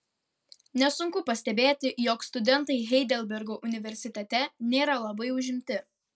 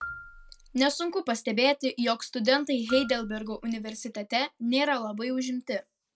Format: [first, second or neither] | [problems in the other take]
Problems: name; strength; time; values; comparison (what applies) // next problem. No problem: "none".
first | background sound (Marimba, xylophone); 17 dB below the speech